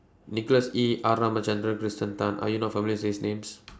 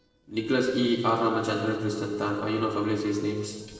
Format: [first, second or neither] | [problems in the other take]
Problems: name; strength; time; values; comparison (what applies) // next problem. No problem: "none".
first | noise reduction (neural separator model SepFormer DNS4)